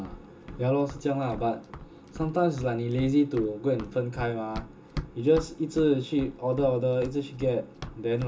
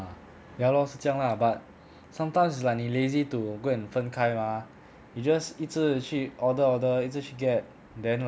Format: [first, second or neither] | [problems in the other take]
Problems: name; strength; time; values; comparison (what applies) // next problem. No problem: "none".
second | background sound (Run); 15 dB below the speech // room echo; dies away in 0.2 s